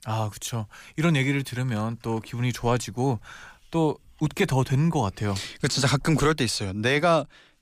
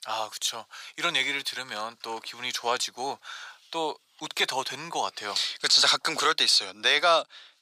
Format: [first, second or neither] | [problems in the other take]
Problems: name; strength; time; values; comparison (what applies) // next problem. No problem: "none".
first | thin; very; fading below 700 Hz